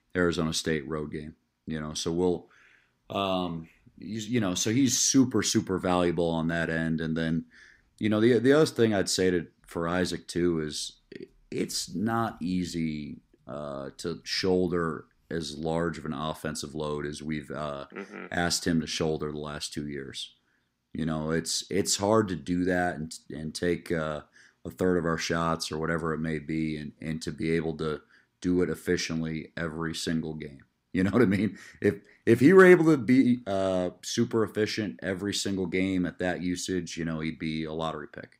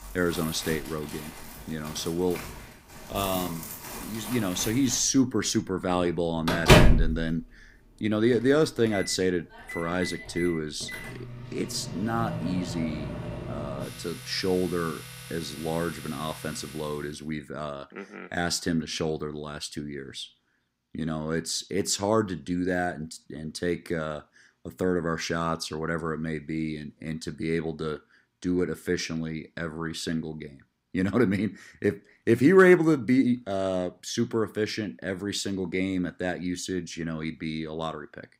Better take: first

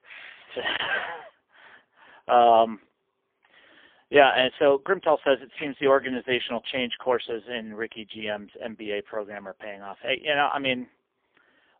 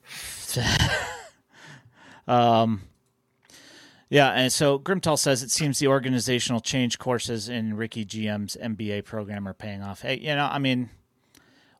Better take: second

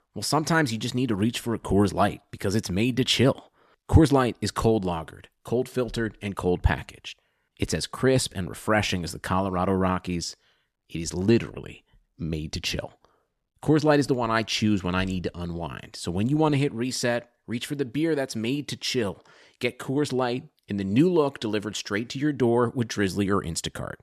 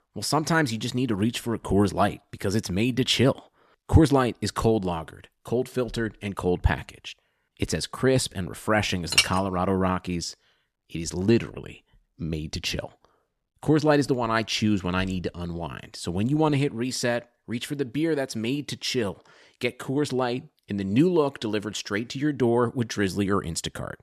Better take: first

